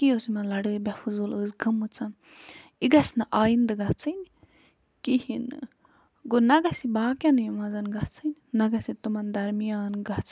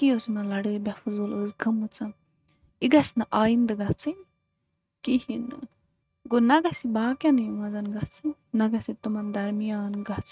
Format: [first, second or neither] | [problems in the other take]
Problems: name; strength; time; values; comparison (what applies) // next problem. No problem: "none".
first | noise reduction (neural mask model RNNoise)